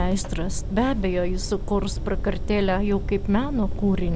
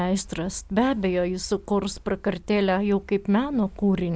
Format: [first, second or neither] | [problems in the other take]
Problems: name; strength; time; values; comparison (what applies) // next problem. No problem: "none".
second | background sound (Fire); 2 dB below the speech